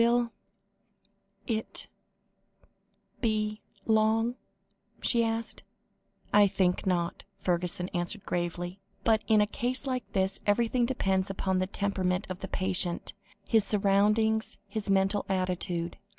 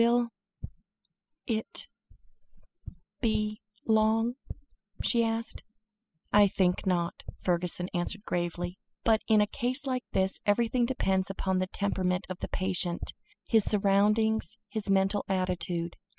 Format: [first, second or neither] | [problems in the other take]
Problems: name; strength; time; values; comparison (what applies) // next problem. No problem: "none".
first | noise reduction (classical method spectral subtraction)